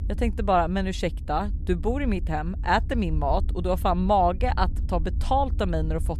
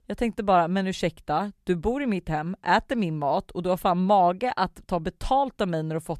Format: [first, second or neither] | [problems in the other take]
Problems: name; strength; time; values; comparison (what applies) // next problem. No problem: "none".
second | low rumble; faint; throughout; 25 dB below the speech